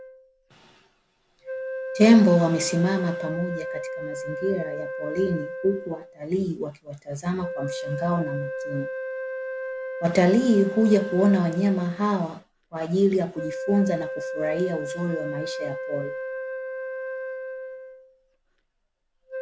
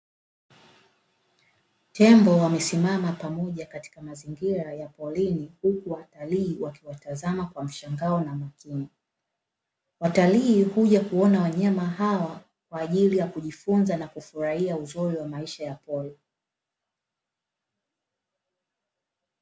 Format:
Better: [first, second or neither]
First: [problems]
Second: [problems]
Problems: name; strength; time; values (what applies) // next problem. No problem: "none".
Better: second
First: background sound (Wind instrument, woodwind instrument); 8 dB below the speech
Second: none